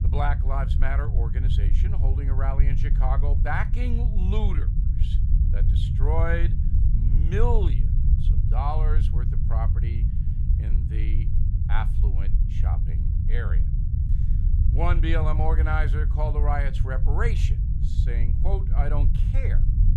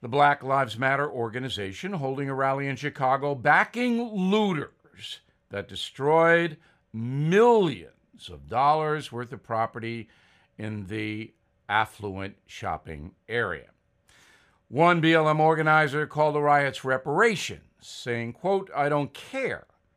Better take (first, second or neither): second